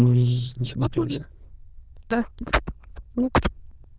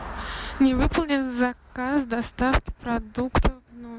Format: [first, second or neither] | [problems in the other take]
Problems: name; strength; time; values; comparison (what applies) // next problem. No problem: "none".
second | noise reduction (neural diffusion model UNIVERSE++)